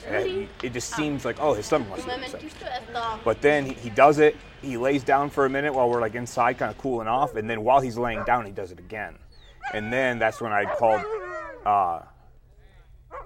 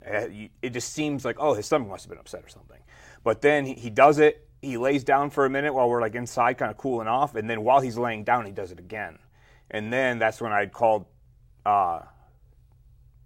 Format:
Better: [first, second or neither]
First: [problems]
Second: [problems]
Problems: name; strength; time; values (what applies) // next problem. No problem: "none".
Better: second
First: animal sounds; noticeable; throughout; 10 dB below the speech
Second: none